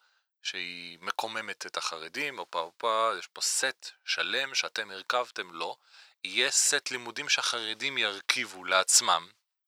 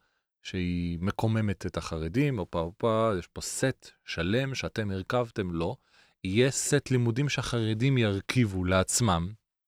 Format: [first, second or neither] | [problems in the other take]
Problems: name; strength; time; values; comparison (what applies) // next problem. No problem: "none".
second | thin; very; fading below 950 Hz